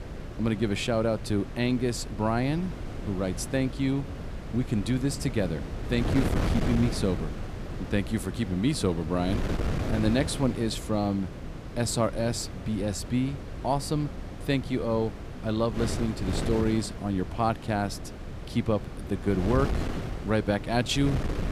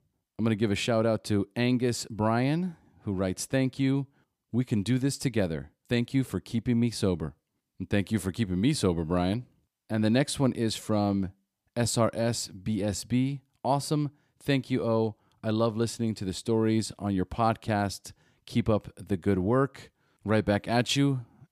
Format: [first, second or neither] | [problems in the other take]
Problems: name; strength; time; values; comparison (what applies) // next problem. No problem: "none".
second | wind noise on the microphone; heavy; 9 dB below the speech